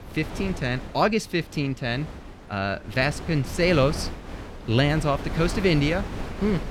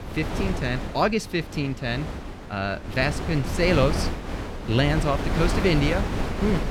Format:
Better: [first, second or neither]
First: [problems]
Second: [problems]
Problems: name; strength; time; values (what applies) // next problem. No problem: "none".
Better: first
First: wind noise on the microphone; occasional gusts; 10 dB below the speech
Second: wind noise on the microphone; heavy; 6 dB below the speech